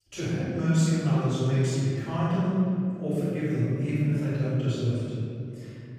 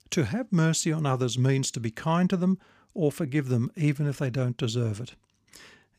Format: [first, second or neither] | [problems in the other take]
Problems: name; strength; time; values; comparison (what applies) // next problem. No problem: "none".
second | off-mic speech; far // room echo; strong; dies away in 2.7 s